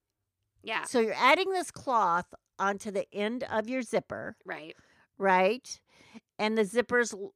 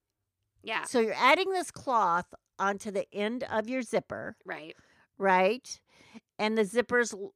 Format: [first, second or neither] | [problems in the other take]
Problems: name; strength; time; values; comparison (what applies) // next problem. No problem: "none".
neither | none